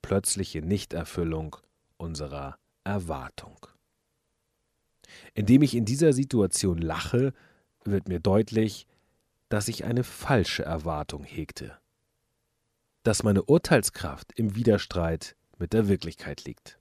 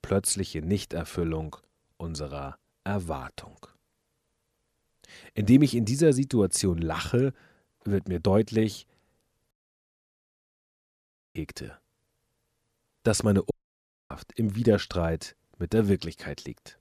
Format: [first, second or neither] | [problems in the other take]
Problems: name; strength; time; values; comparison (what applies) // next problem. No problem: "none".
first | audio cutting out; at 9.5 s for 2 s and at 14 s for 0.5 s